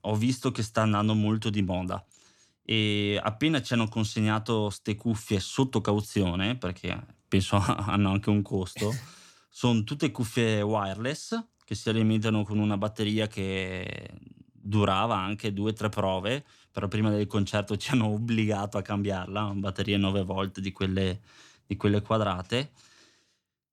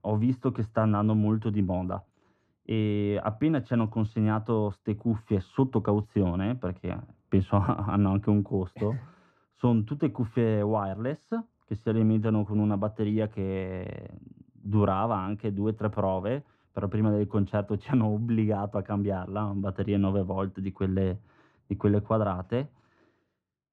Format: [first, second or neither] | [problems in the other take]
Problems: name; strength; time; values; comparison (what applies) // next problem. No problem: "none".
first | muffled; very; fading above 2.5 kHz